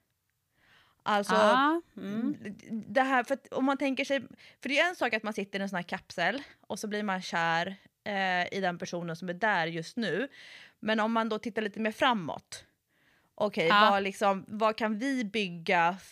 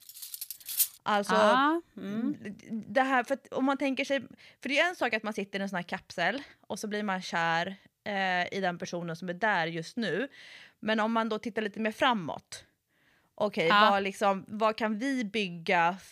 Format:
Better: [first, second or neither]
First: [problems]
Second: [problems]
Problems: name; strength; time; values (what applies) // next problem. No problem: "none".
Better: first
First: none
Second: clattering dishes; loud; at the start; peak 1 dB above the speech